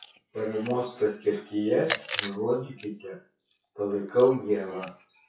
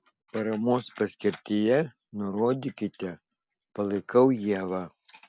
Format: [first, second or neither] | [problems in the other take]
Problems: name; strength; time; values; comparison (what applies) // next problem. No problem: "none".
second | noise reduction (classical method WPE with log-MMSE)